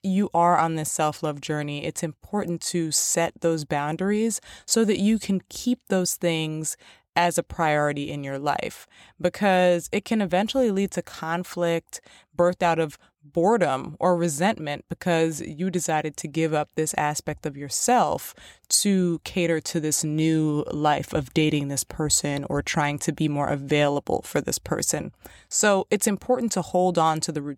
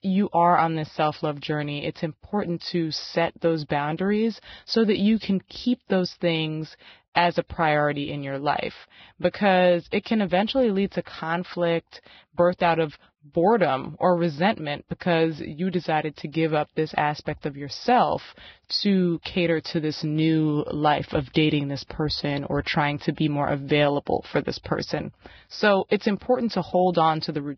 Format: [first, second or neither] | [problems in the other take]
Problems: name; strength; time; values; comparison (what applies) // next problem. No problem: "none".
first | garbled, watery; badly; nothing above 5.5 kHz